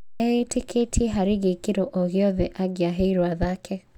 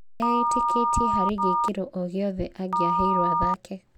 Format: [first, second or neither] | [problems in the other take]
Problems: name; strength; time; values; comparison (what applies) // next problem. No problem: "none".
first | background sound (Telephone); 3 dB above the speech